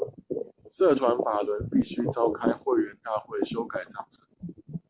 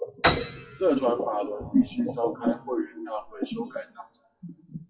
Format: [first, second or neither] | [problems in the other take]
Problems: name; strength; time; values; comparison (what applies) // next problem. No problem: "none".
first | noise reduction (classical method WPE with log-MMSE)